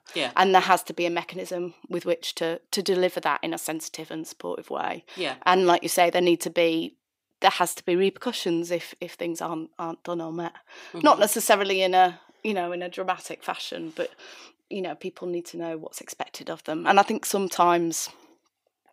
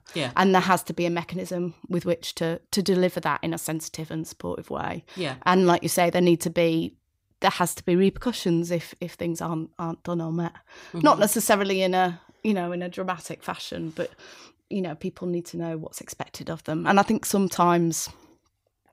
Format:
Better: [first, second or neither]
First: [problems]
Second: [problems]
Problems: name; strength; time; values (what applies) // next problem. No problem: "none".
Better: second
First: thin; somewhat; fading below 350 Hz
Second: none